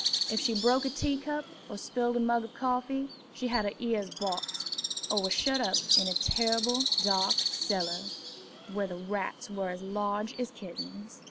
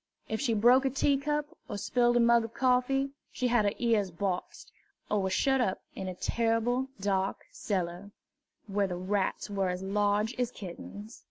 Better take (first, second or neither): second